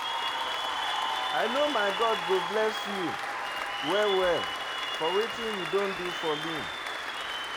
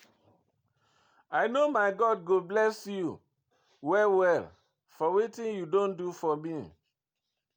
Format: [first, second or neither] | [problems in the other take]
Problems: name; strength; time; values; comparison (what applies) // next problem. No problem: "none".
second | background sound (Applause / Cheering); 1 dB below the speech